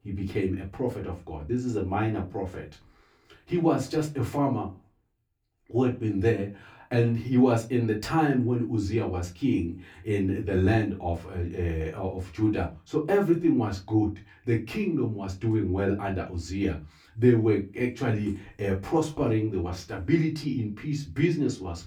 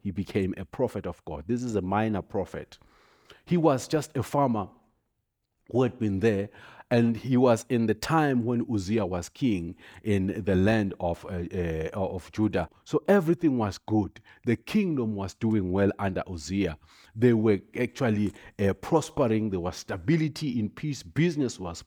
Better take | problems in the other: second | off-mic speech; far // room echo; very slight; dies away in 0.2 s

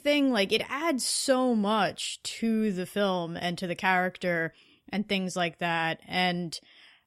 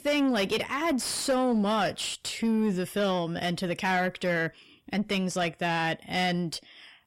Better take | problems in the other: first | distortion; slight; 10 dB below the speech

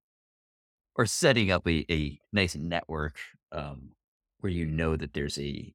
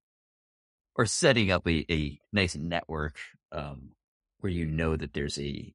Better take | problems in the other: first | garbled, watery; slightly; nothing above 10.5 kHz

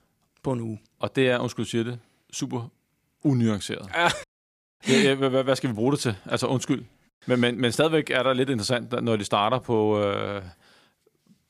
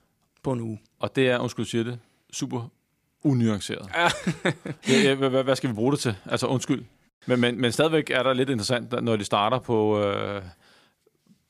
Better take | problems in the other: second | audio cutting out; at 4 s for 0.5 s

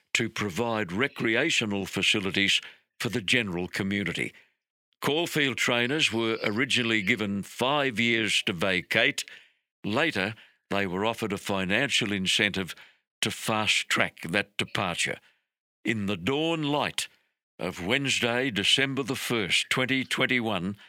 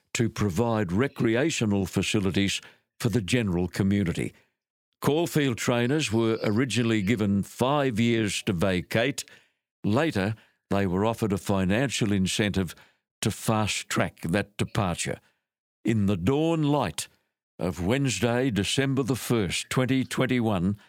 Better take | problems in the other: second | thin; very slightly; fading below 450 Hz

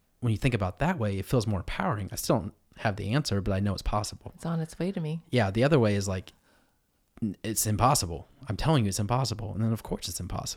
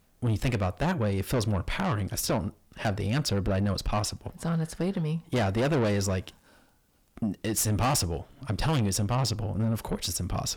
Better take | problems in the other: first | distortion; heavy; 8 dB below the speech

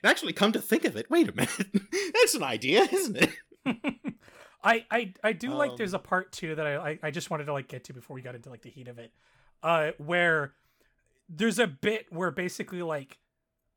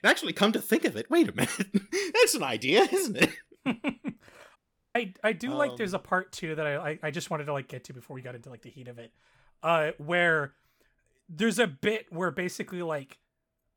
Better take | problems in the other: first | audio cutting out; at 4.5 s

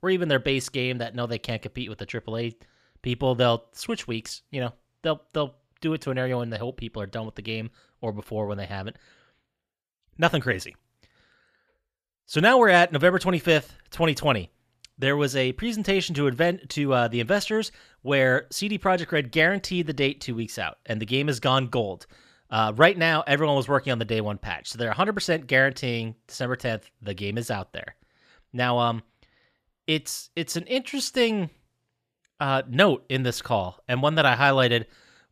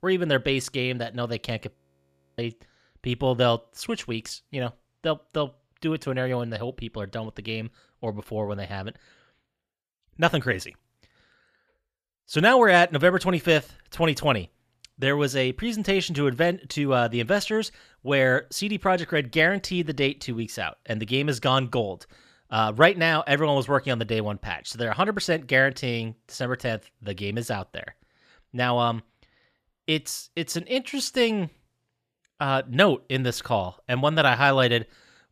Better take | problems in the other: first | audio freezing; at 2 s for 0.5 s

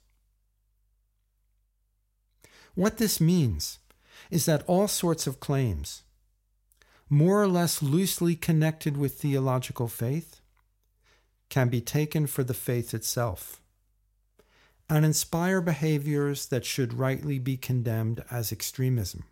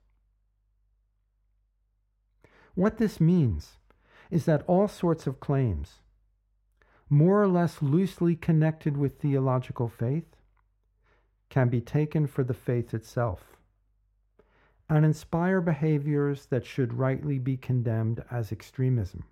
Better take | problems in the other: first | muffled; very; fading above 3 kHz

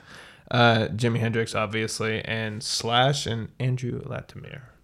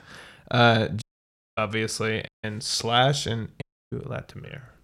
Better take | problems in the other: first | audio cutting out; at 1 s for 0.5 s, at 2.5 s and at 3.5 s

